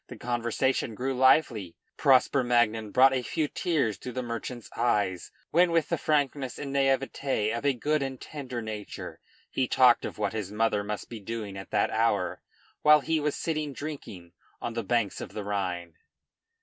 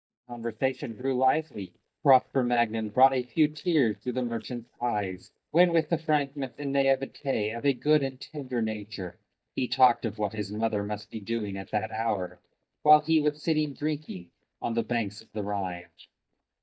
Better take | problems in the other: first | noise reduction (neural mask model DeepFilterNet 3)

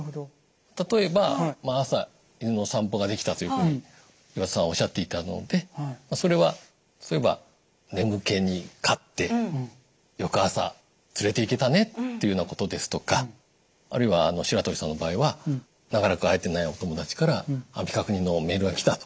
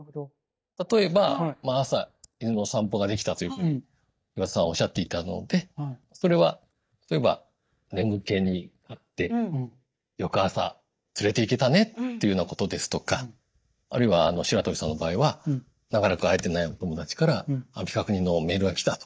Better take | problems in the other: first | noise reduction (neural mask model DeepFilterNet 3)

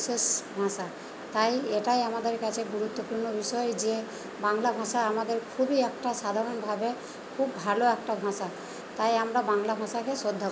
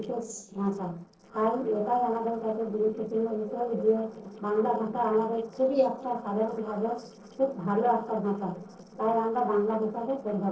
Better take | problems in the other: first | noise reduction (neural separator model SepFormer DNS4)

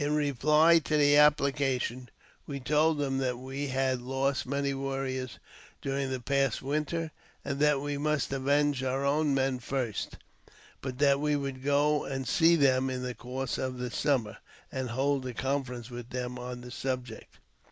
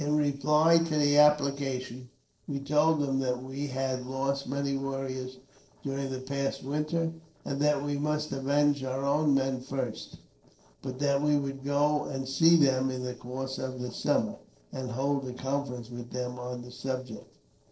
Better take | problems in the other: first | noise reduction (neural separator model SepFormer DNS4)

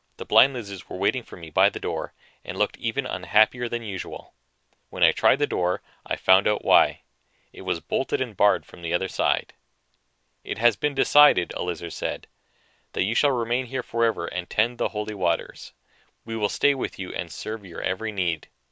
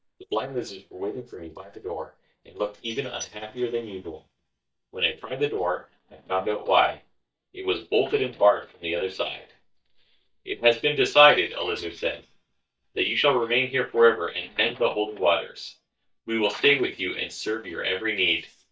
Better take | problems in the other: first | noise reduction (neural mask model DeepFilterNet 3)

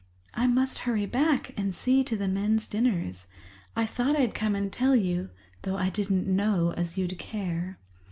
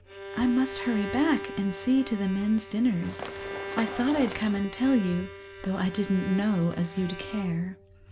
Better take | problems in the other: first | background sound (Bowed string instrument + Run); 11 dB below the speech

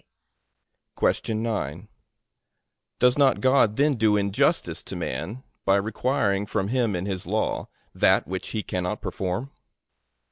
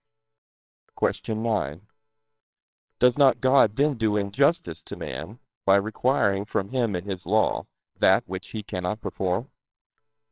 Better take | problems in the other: first | noise reduction (neural separator model SepFormer WHAMR!)

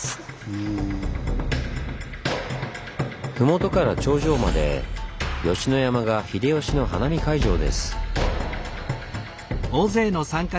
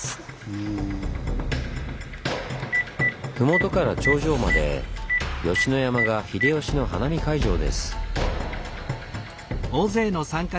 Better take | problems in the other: first | background sound (Telephone); 7 dB below the speech

